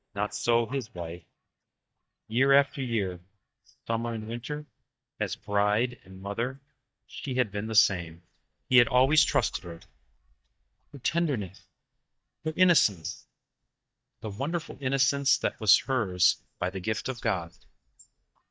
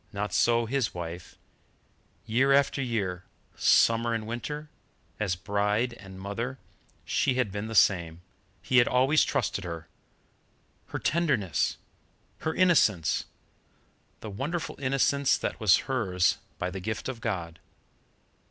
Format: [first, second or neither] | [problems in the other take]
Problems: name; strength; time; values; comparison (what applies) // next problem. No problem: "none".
second | noise reduction (neural mask model DeepFilterNet 3)